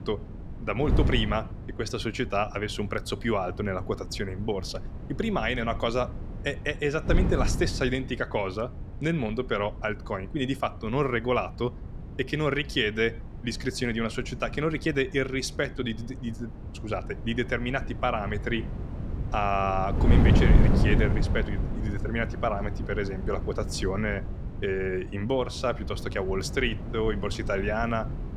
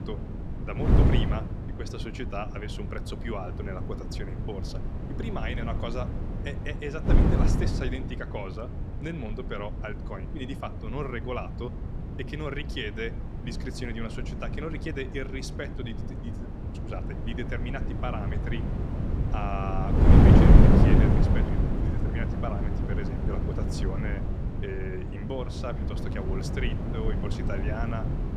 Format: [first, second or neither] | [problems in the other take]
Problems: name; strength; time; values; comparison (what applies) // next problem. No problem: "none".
first | wind noise on the microphone; heavy; 1 dB above the speech; occasional gusts in the first